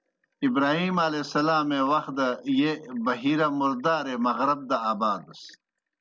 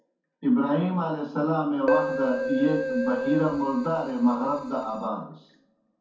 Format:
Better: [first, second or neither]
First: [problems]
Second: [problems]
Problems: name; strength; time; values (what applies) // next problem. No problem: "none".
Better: first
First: none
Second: background sound (Keyboard (musical)); 3 dB below the speech // room echo; dies away in 0.6 s